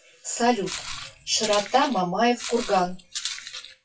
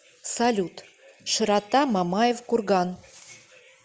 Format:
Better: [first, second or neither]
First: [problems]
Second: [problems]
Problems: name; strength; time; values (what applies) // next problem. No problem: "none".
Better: second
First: noise reduction (classical method WPE with log-MMSE)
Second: none